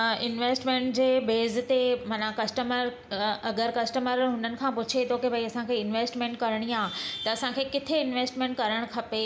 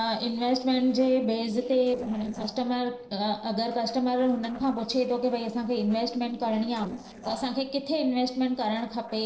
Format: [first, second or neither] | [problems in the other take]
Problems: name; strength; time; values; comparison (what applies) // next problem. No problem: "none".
first | noise reduction (neural separator model SepFormer DNS4)